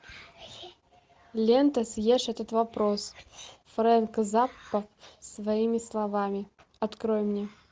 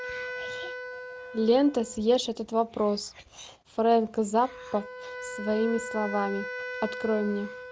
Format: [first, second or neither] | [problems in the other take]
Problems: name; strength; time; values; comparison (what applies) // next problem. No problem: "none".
first | background sound (Wind instrument, woodwind instrument); 11 dB below the speech